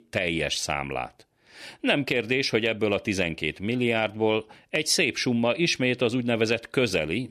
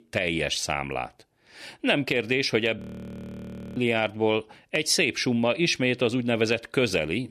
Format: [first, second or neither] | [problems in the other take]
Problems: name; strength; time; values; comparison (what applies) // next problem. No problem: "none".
first | audio freezing; at 3 s for 1 s